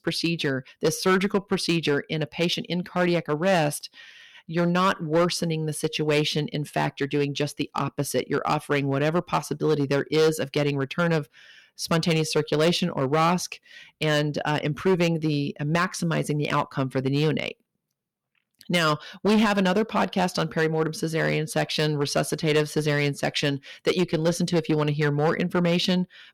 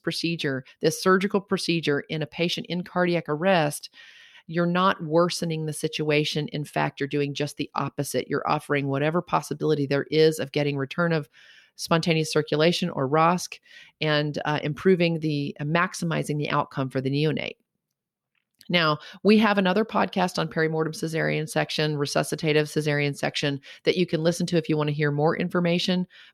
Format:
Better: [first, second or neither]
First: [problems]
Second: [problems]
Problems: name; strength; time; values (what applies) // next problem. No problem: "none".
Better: second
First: distortion; slight; 5% of the sound clipped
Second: none